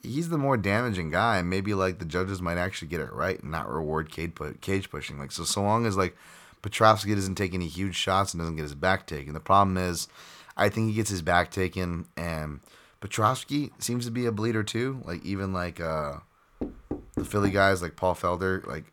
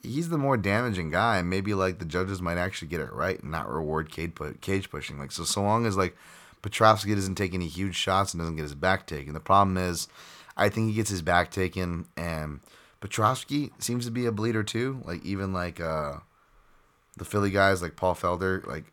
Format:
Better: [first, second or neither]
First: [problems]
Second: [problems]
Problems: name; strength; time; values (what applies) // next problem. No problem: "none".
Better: second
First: door banging; noticeable; at 17 s; peak 6 dB below the speech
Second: none